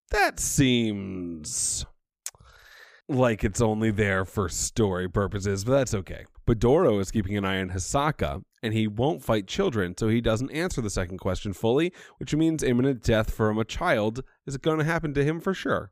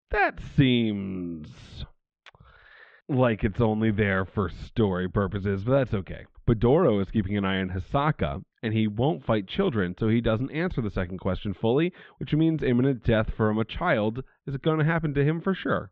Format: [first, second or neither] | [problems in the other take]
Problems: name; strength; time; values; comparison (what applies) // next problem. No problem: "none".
first | muffled; very; fading above 3.5 kHz